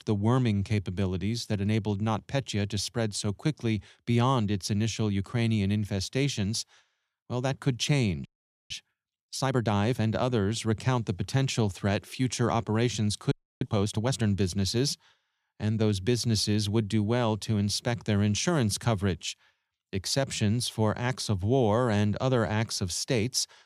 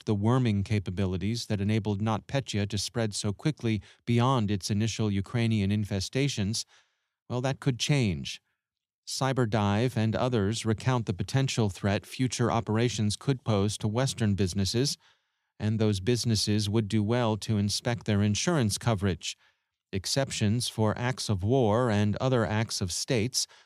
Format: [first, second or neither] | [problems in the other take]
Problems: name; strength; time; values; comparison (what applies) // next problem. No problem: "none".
second | audio freezing; at 8.5 s and at 13 s